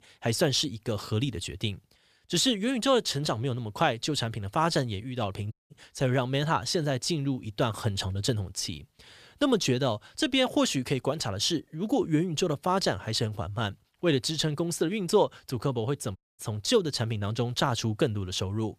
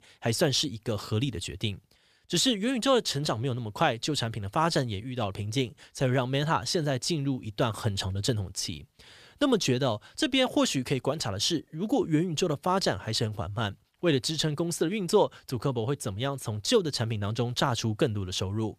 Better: second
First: audio cutting out; at 5.5 s and at 16 s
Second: none

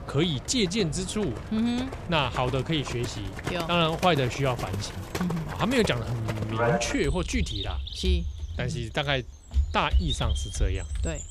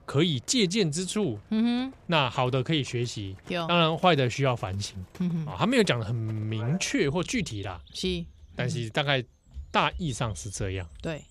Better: second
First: animal sounds; loud; throughout; 5 dB below the speech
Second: animal sounds; faint; throughout; 20 dB below the speech

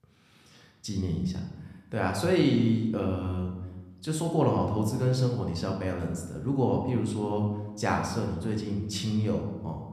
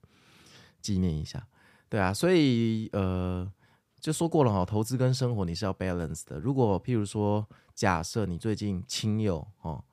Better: second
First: room echo; slight; dies away in 0.9 s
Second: none

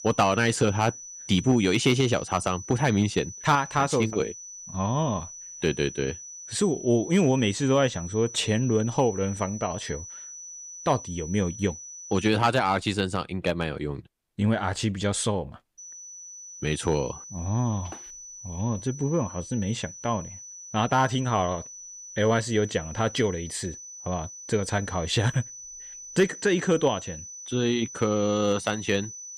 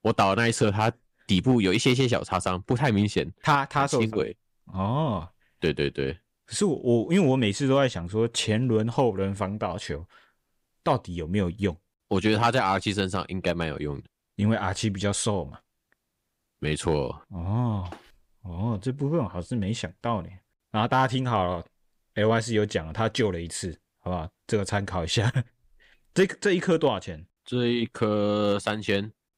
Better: second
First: high-pitched whine; noticeable; until 12 s and from 16 s on; 6 kHz, 15 dB below the speech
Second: none

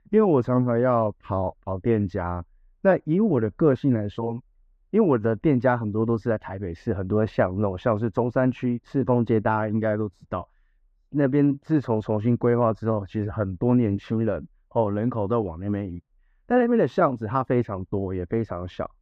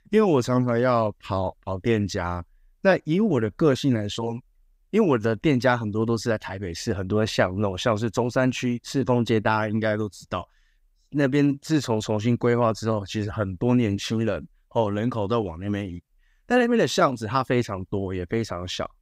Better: second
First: muffled; very; fading above 3 kHz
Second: none

